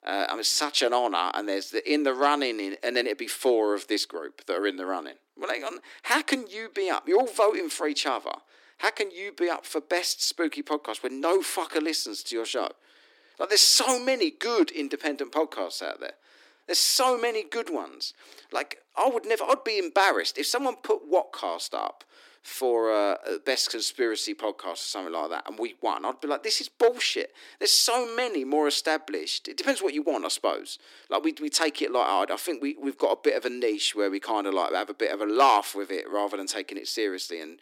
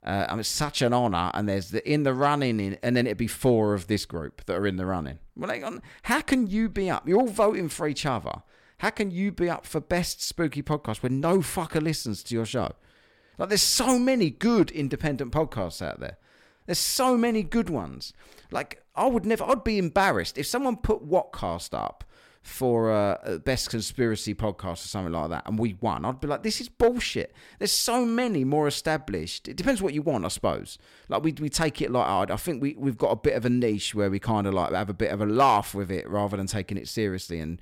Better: second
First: thin; somewhat; fading below 300 Hz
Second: none

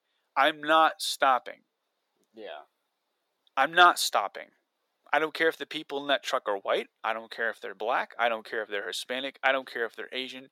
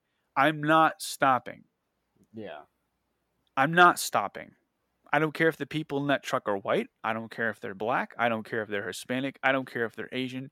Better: second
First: thin; somewhat; fading below 500 Hz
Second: none

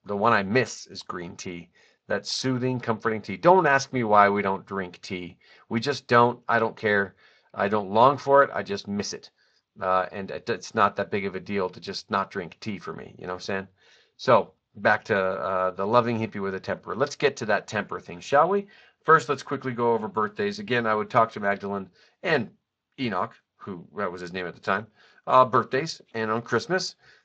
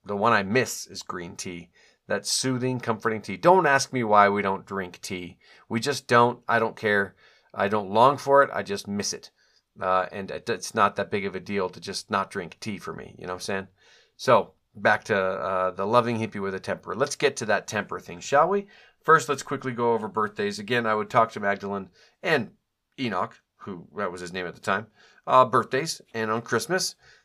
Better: second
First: garbled, watery; slightly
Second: none

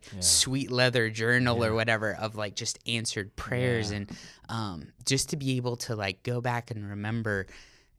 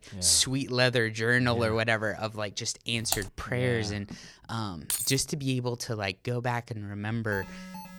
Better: first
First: none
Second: keyboard typing; noticeable; at 3 s; peak 4 dB below the speech // jangling keys; noticeable; at 5 s; peak 2 dB below the speech // alarm; faint; at 7.5 s; peak 15 dB below the speech

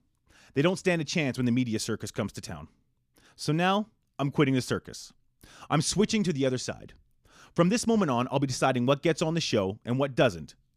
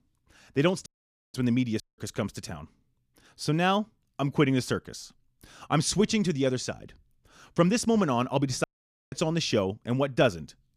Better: first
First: none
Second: audio cutting out; at 1 s, at 2 s and at 8.5 s

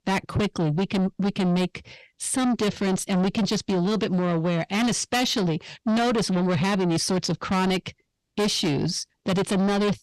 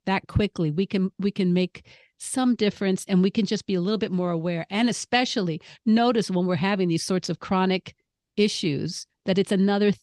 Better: second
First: distortion; heavy; 7 dB below the speech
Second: none

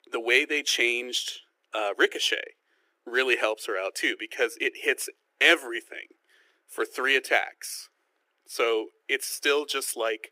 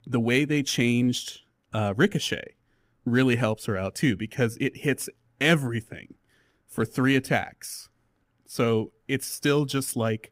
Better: second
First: thin; very; fading below 350 Hz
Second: none

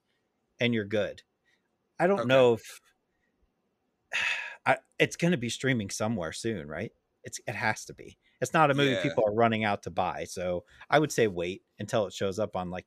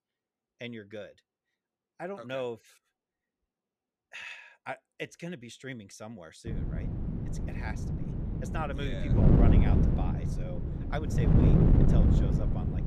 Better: first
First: none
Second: wind noise on the microphone; heavy; from 6.5 s on; 4 dB above the speech

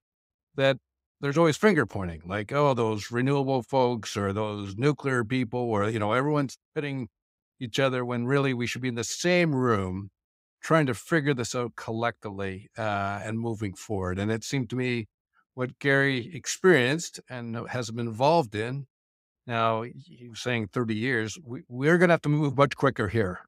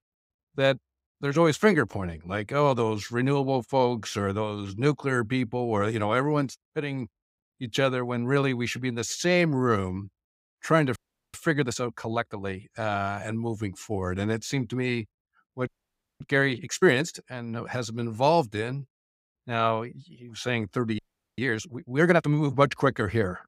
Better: first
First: none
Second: audio freezing; at 11 s, at 16 s for 0.5 s and at 21 s

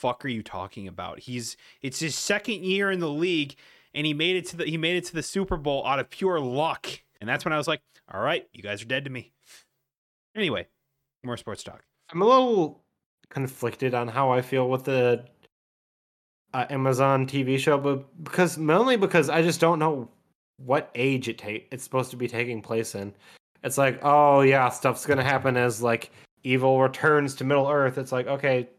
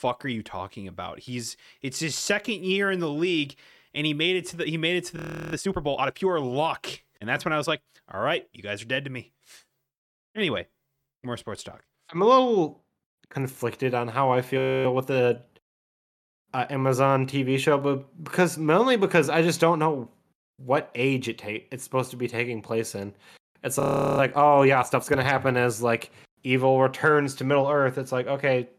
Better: first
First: none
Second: audio freezing; at 5 s, at 15 s and at 24 s

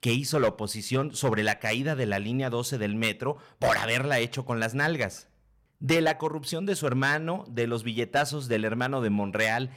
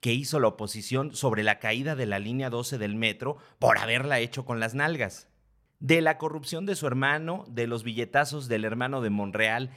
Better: second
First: distortion; slight; 3% of the sound clipped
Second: none

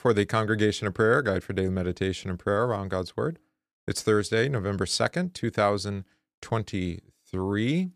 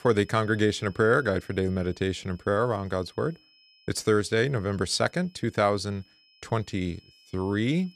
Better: first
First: none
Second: high-pitched whine; faint; throughout; 5 kHz, 30 dB below the speech

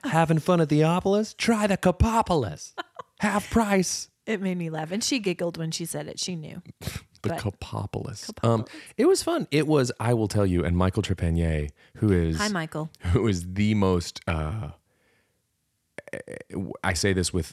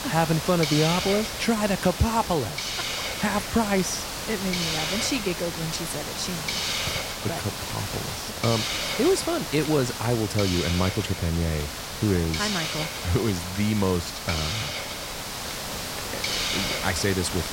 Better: first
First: none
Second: hiss; loud; throughout; 2 dB below the speech

